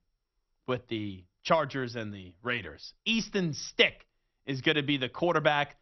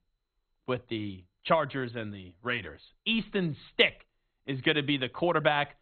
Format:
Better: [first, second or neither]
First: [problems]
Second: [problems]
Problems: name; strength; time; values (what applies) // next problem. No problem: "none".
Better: first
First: garbled, watery; slightly; nothing above 6 kHz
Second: garbled, watery; badly; nothing above 3.5 kHz